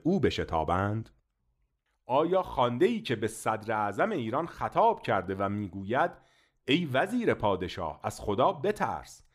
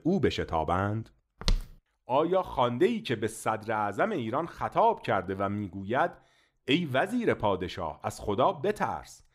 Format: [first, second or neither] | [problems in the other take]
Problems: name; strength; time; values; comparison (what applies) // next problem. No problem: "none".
first | footsteps; noticeable; at 1.5 s; peak 4 dB below the speech